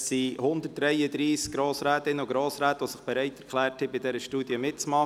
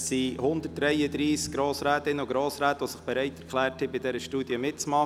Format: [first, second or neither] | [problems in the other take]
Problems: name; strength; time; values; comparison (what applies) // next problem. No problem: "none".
first | background sound (Bowed string instrument); 17 dB below the speech